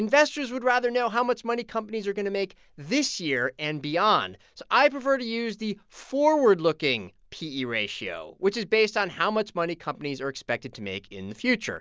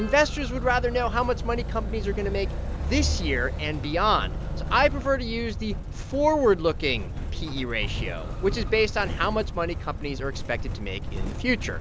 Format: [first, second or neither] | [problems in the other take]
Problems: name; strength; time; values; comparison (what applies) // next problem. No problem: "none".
first | background sound (Motor vehicle (road)); 3 dB below the speech